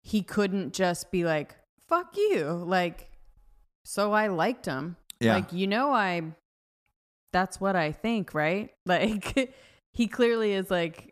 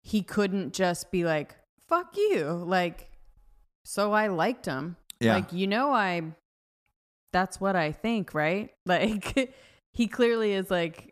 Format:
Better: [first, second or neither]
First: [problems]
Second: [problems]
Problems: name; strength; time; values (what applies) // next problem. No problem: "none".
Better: neither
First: none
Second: none